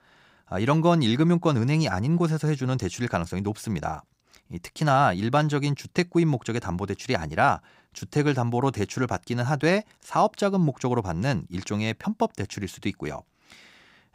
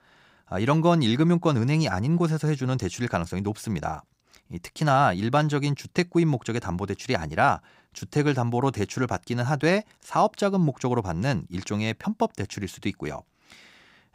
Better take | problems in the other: neither | none

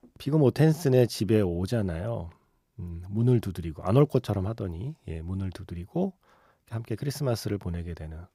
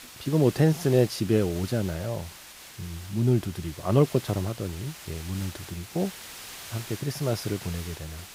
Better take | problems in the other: first | hiss; noticeable; throughout; 15 dB below the speech

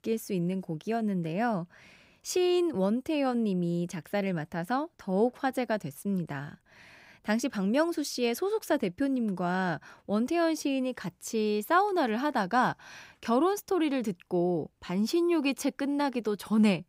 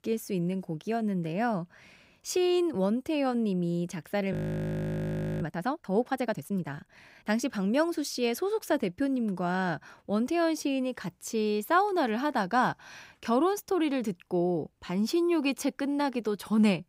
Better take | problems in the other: first | audio freezing; at 4.5 s for 1 s

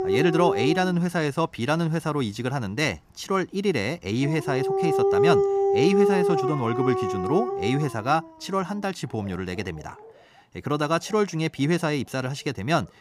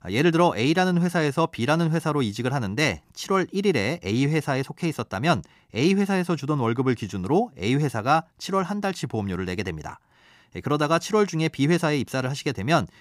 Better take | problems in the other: second | animal sounds; very loud; throughout; 1 dB above the speech

